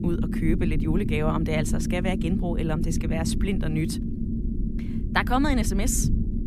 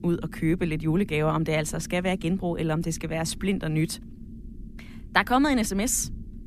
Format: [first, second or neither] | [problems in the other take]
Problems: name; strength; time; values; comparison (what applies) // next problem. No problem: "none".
second | low rumble; loud; throughout; 7 dB below the speech; faint in the second